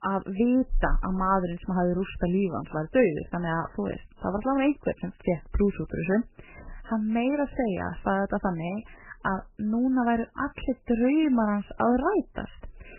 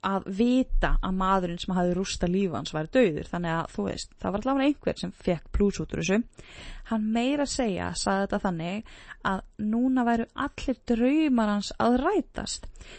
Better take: second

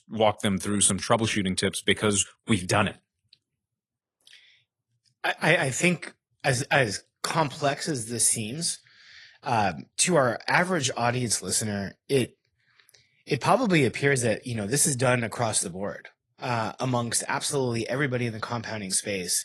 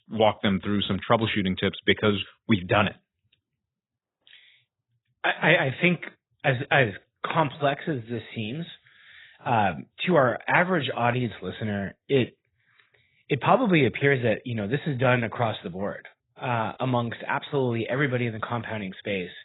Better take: first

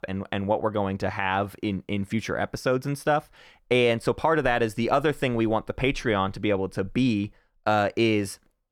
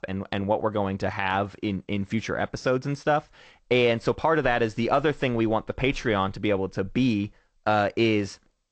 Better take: first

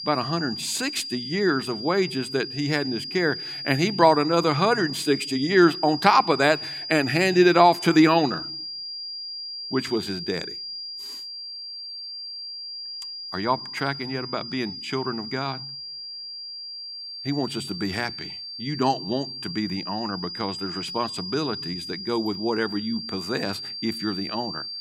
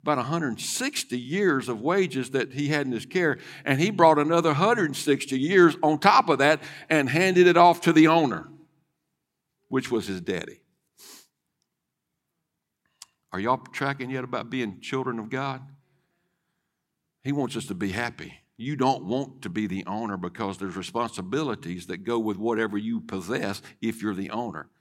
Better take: second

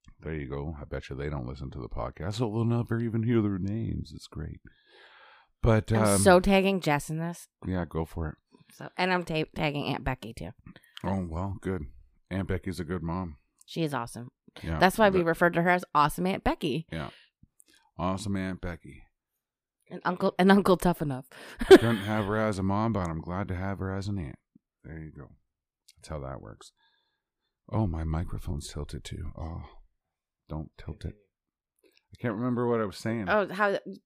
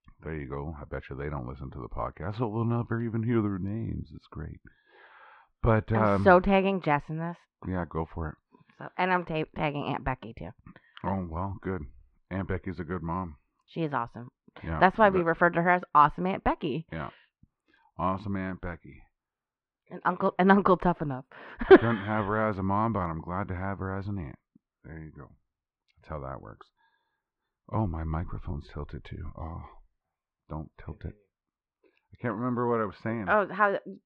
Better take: first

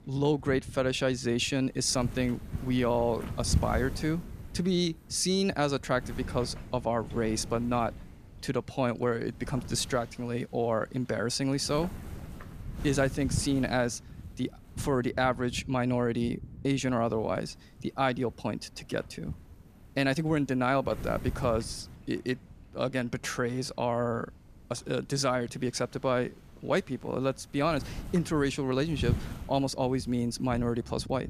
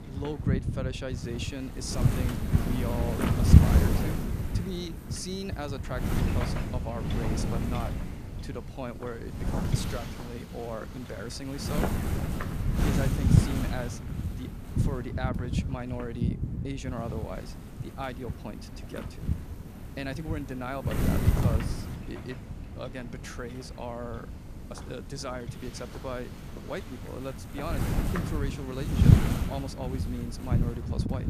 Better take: first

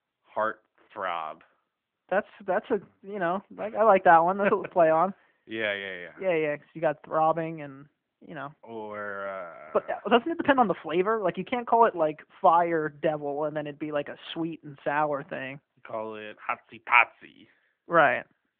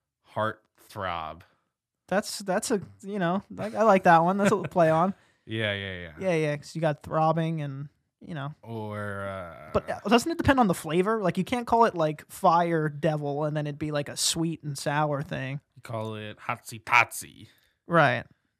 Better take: second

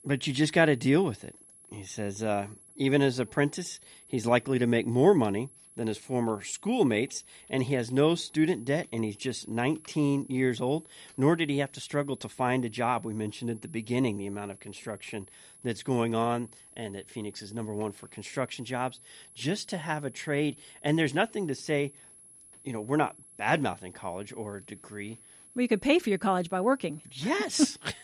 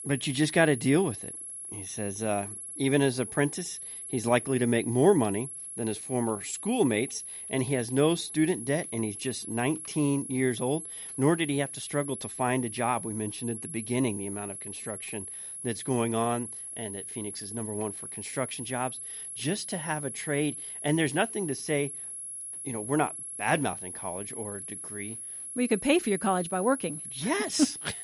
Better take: first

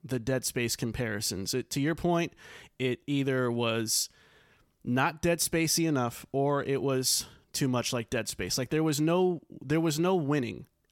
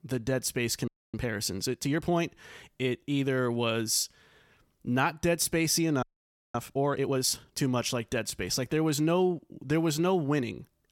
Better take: first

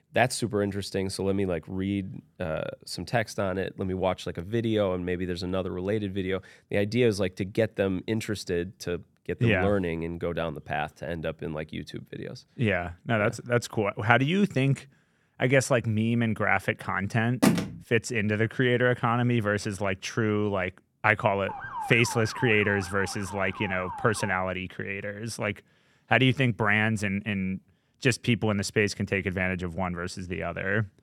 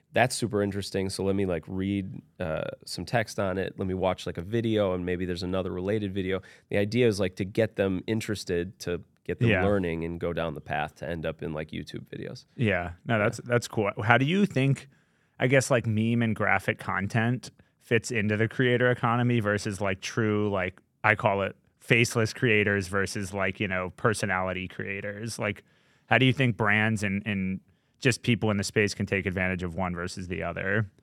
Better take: second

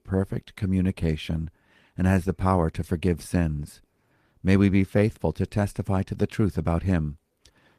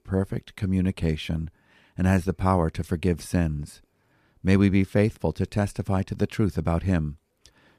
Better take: second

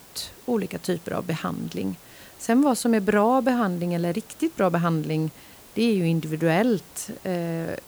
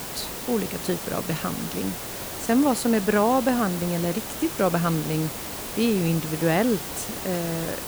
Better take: first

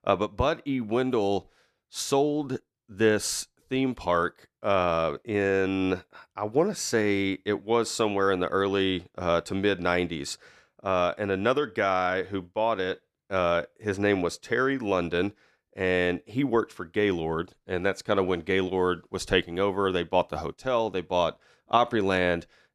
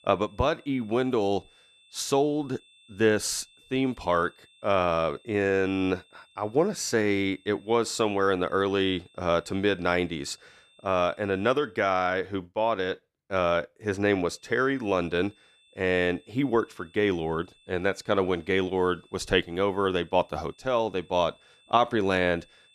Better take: first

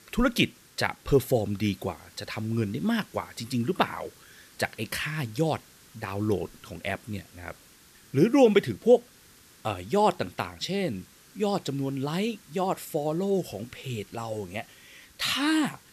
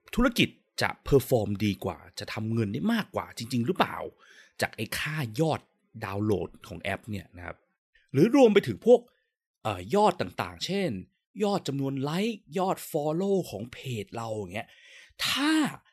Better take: second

